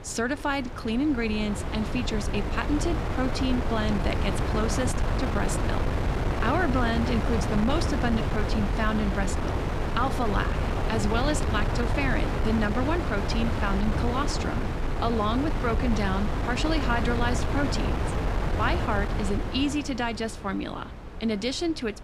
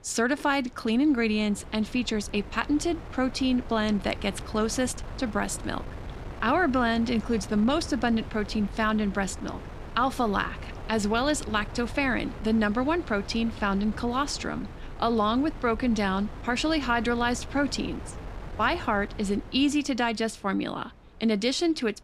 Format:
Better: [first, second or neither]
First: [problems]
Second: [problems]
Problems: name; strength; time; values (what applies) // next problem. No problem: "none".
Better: second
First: wind noise on the microphone; heavy; 3 dB below the speech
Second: wind noise on the microphone; occasional gusts; 15 dB below the speech